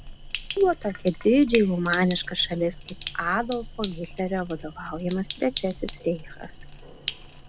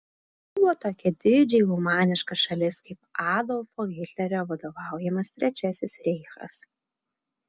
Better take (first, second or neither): second